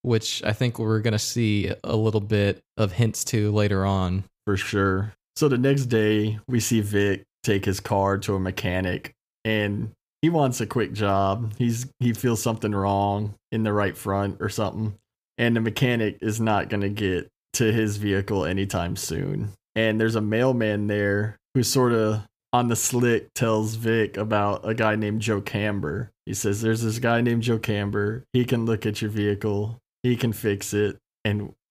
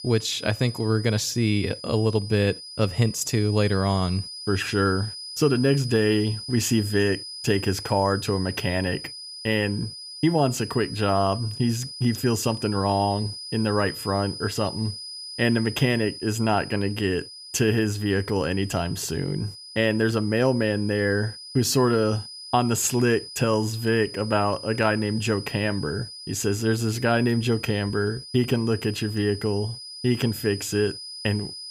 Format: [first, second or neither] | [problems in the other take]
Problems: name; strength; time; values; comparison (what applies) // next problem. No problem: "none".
first | high-pitched whine; noticeable; throughout; 5 kHz, 10 dB below the speech